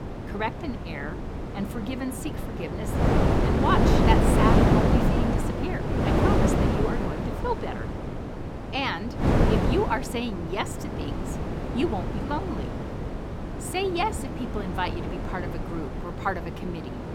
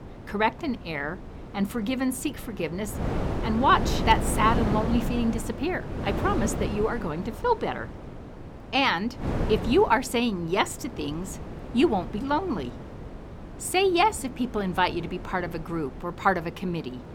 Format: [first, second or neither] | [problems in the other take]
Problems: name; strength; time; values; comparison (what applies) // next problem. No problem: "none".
second | wind noise on the microphone; heavy; as loud as the speech; occasional gusts in the second